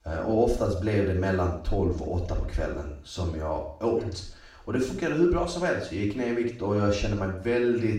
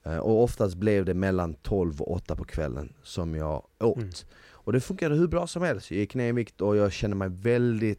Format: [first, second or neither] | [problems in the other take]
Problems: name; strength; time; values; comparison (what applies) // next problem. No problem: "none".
second | room echo; noticeable; dies away in 0.5 s // off-mic speech; far